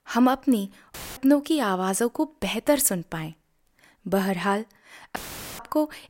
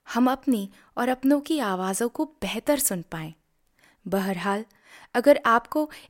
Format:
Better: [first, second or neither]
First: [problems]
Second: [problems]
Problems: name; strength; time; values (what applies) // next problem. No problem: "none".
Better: second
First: audio cutting out; filled with static; at 1 s and at 5 s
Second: none